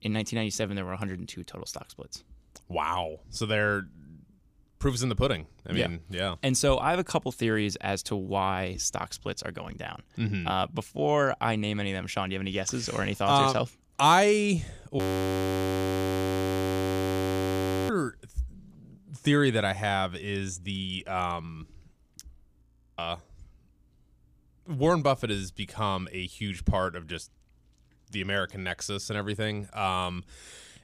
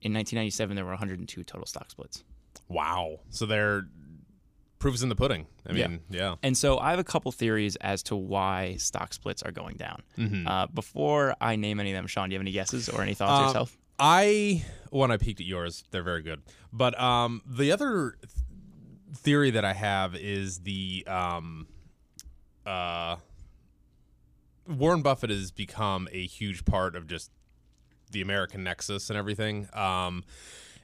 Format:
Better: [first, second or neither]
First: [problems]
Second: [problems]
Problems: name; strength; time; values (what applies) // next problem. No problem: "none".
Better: second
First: audio freezing; at 15 s for 3 s and at 23 s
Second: none